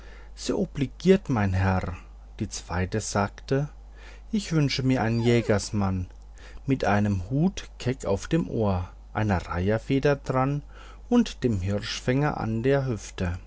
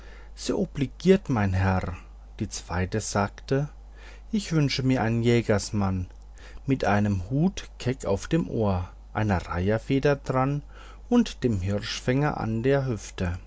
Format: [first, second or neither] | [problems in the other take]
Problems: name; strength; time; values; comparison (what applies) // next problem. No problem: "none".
second | background sound (Dog); 20 dB below the speech